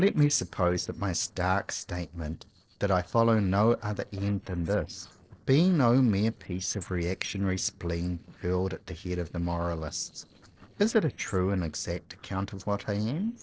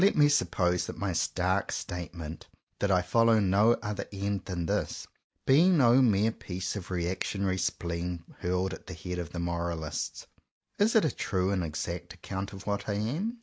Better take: second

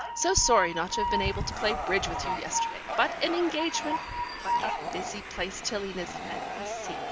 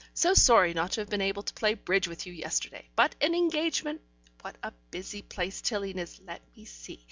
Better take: second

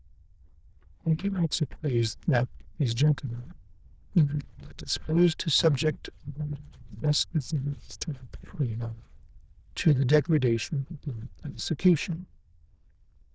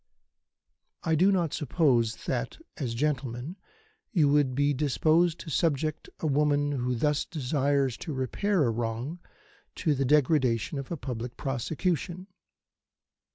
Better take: second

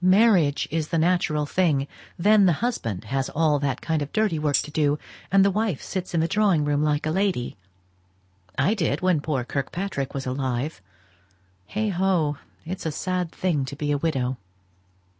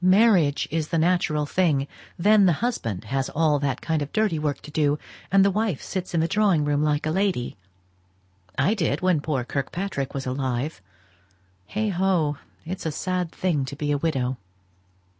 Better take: second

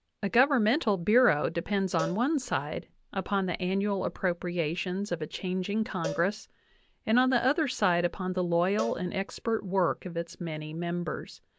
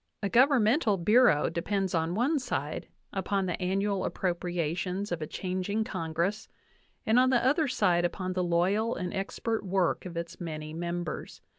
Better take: second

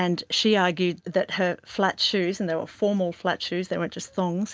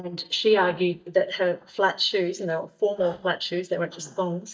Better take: first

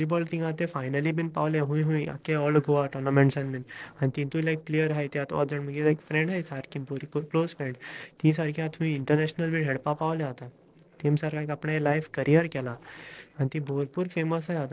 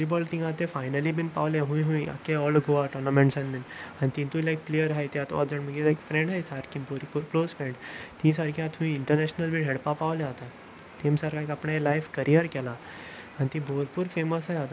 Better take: second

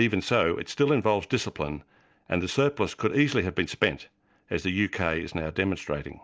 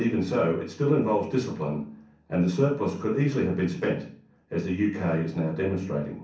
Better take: first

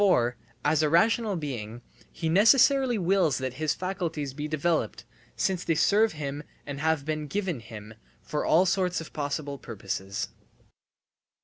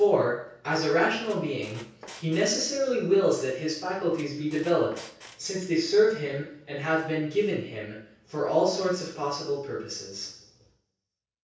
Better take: first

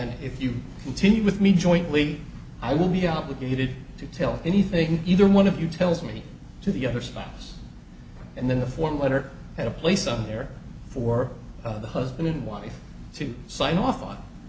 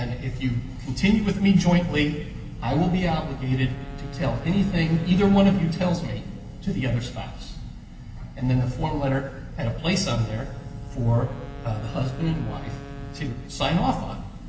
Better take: first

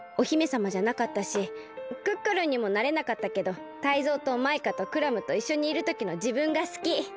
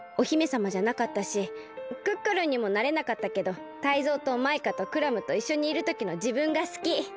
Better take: second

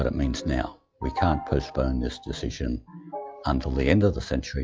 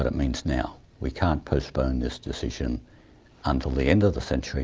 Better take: second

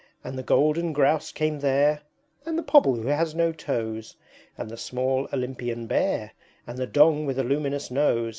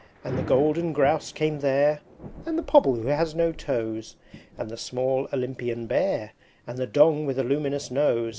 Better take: first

